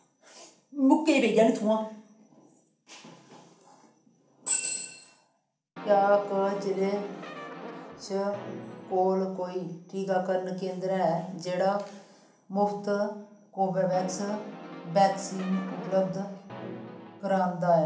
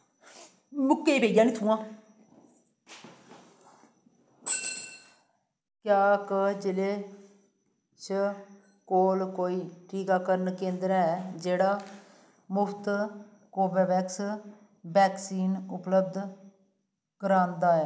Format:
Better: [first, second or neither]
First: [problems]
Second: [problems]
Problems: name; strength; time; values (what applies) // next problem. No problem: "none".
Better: second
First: background sound (Brass instrument); 13 dB below the speech // room echo; dies away in 0.4 s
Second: none